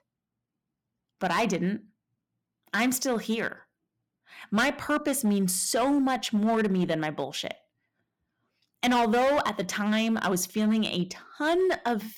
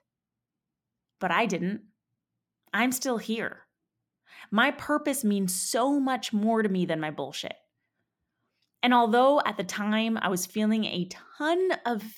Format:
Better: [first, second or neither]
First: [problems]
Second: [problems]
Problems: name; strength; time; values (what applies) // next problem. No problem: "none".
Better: second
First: distortion; slight; 7% of the sound clipped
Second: none